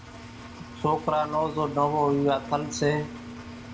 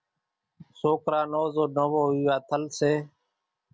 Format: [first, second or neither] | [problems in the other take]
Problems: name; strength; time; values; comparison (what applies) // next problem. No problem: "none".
second | background sound (Engine); 13 dB below the speech // room echo; dies away in 0.5 s